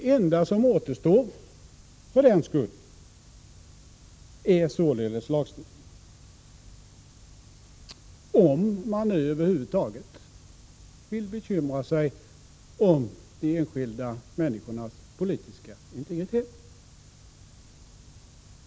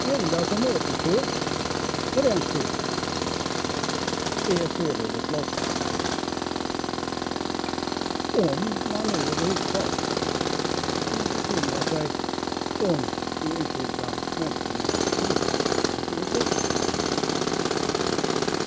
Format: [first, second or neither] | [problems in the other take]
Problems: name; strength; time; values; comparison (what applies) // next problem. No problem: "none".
first | background sound (Tools); 5 dB above the speech